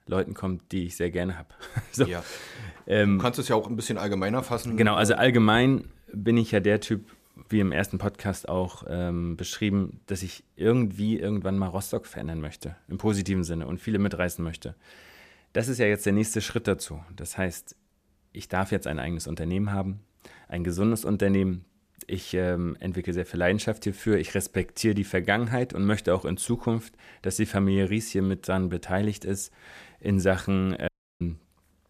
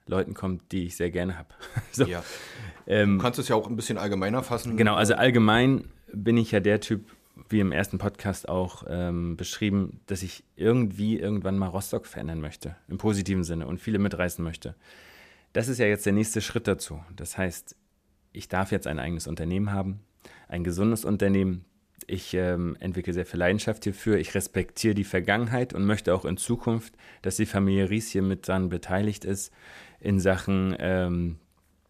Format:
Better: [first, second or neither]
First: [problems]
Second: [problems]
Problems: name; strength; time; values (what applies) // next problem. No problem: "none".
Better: second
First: audio cutting out; at 31 s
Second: none